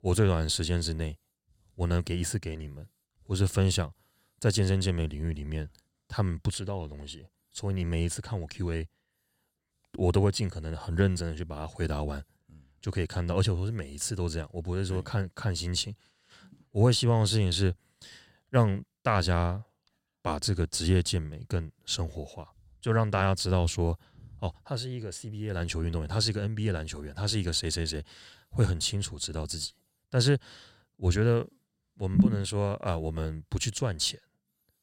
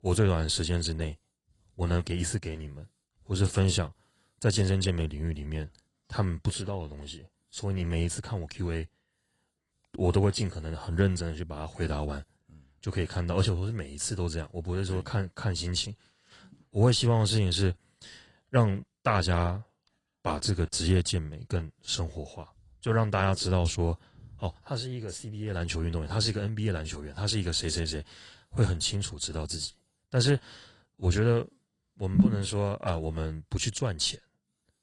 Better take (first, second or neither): first